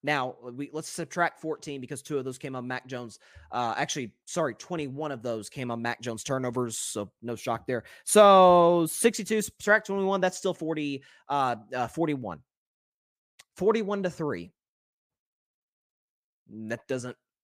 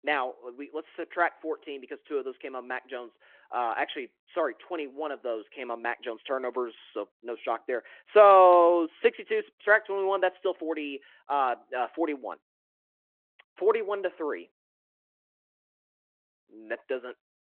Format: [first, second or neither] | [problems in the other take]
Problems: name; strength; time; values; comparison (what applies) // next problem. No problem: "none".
first | phone-call audio